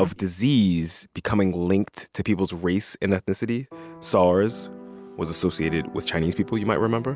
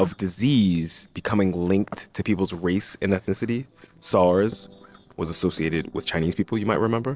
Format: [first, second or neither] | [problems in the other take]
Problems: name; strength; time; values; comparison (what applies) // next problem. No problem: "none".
first | noise reduction (neural separator model SepFormer DNS4)